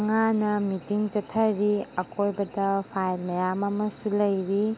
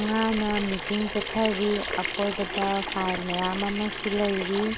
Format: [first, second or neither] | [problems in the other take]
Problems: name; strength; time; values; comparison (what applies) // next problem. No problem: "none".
first | background sound (Sink (filling or washing) / Water tap, faucet); 5 dB below the speech